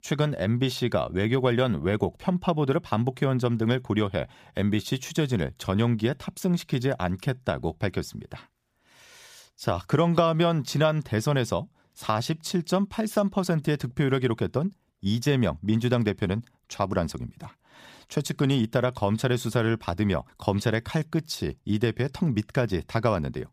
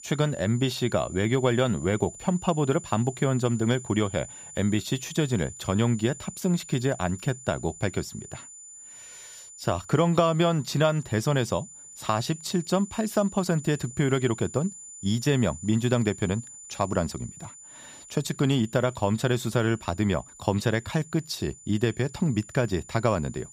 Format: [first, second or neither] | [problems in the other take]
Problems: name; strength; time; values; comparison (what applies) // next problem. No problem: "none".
first | high-pitched whine; noticeable; throughout; 7 kHz, 15 dB below the speech